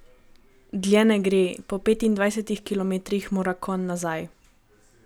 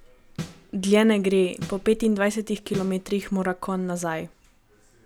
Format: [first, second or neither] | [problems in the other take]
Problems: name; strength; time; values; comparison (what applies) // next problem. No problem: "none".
first | background sound (Snare drum); 15 dB below the speech